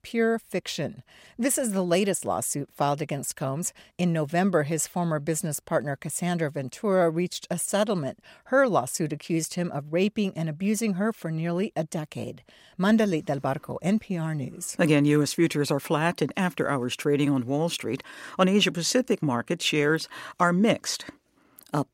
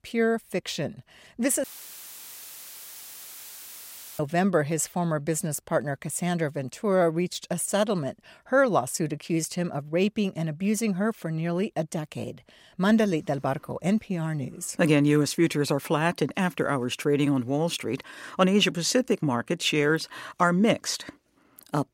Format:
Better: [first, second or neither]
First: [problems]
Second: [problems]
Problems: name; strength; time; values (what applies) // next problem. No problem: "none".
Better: first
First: none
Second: audio cutting out; filled with static; at 1.5 s for 2.5 s